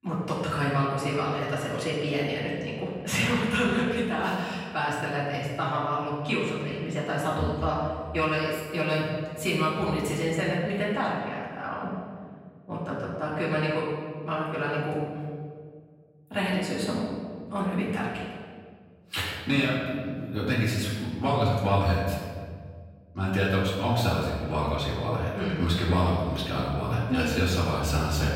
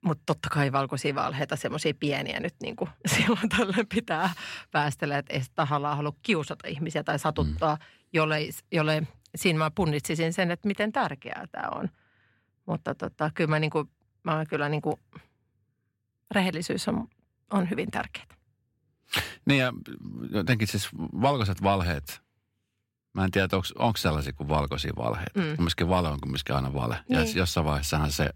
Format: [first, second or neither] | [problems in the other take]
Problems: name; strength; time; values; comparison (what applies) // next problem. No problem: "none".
second | off-mic speech; far // room echo; noticeable; dies away in 1.6 s